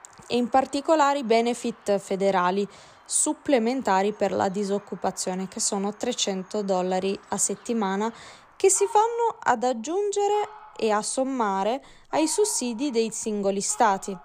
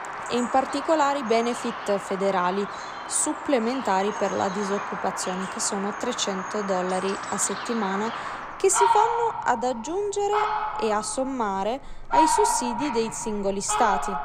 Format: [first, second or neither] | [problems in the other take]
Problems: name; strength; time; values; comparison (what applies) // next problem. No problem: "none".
first | animal sounds; loud; throughout; 3 dB below the speech; faint in the first